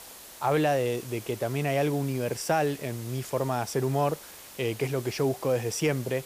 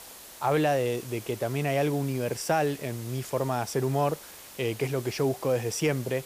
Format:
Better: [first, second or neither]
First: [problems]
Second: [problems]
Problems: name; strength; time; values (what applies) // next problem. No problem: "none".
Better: neither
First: hiss; noticeable; throughout; 15 dB below the speech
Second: hiss; noticeable; throughout; 15 dB below the speech